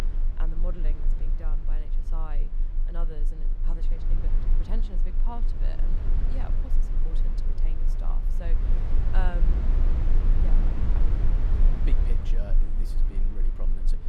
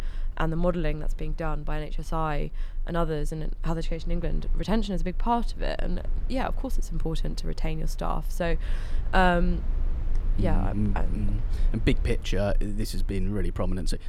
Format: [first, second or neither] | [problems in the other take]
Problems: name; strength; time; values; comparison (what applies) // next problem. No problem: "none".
second | low rumble; loud; throughout; 1 dB below the speech; faint in the second